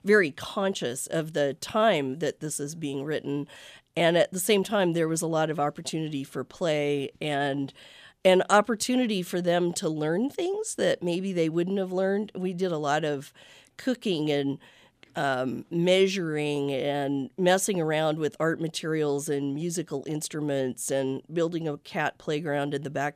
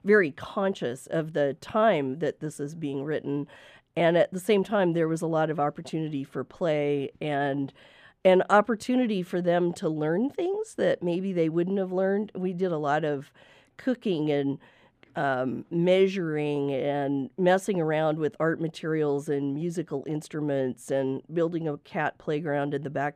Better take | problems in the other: first | muffled; slightly; fading above 3 kHz

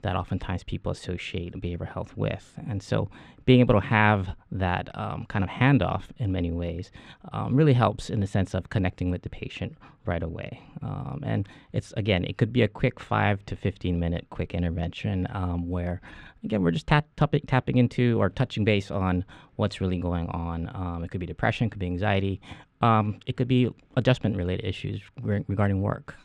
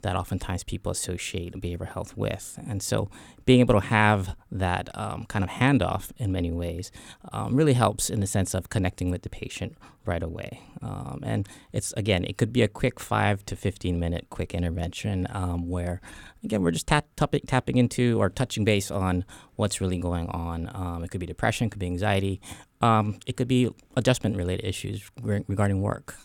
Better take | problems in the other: second | muffled; slightly; fading above 3 kHz

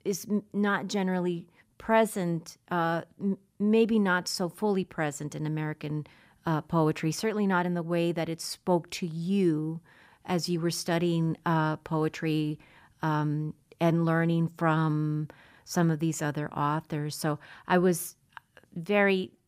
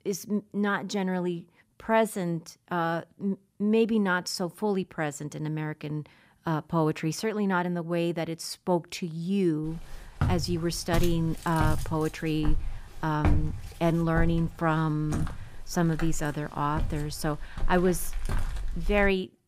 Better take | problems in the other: first | footsteps; loud; from 9.5 s on; peak 1 dB above the speech

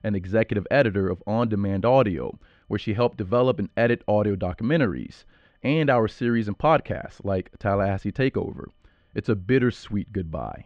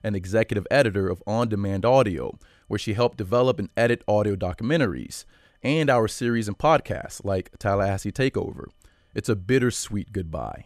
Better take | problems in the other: second | muffled; slightly; fading above 3.5 kHz

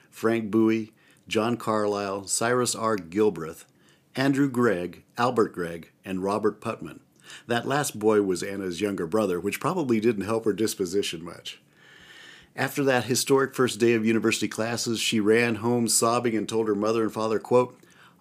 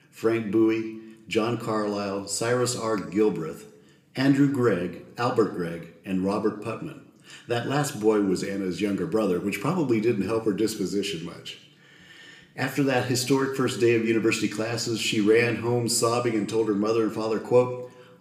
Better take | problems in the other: first | room echo; very slight; dies away in 0.6 s

